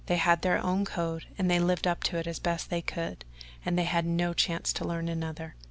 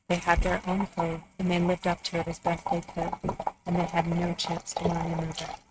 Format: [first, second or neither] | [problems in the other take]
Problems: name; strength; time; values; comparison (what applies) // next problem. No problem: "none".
first | noise reduction (neural mask model RNNoise)